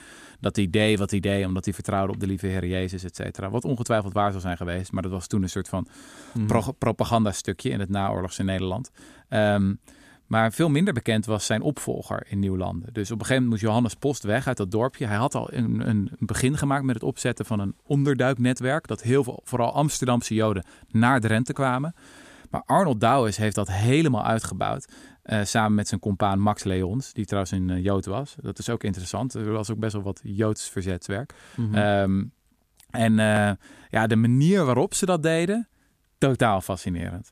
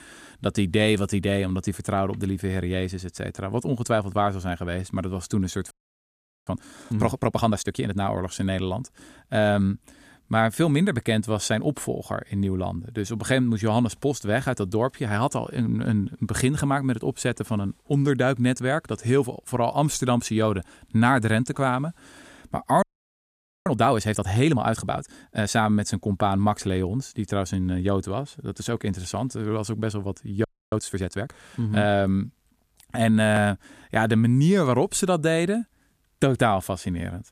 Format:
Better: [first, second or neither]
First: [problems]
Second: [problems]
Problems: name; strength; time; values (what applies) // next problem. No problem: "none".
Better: first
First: none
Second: audio freezing; at 5.5 s for 1 s, at 23 s for 1 s and at 30 s